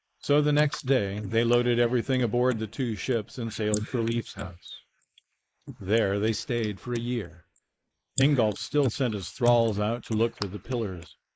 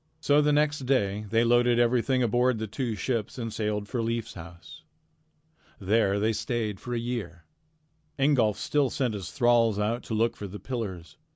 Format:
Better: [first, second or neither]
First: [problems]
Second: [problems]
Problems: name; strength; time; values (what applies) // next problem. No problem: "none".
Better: second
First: noise reduction (neural mask model Resemble Enhance denoiser)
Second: none